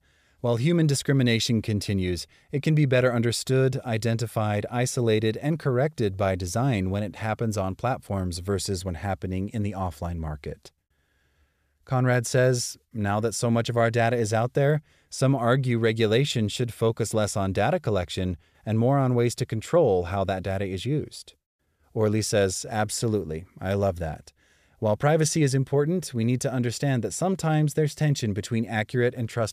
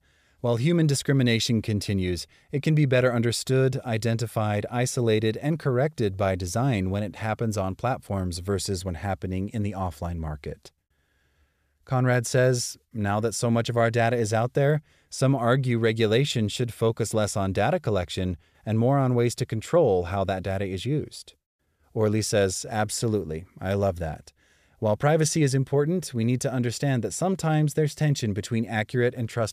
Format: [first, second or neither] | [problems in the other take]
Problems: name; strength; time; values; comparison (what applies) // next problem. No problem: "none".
neither | none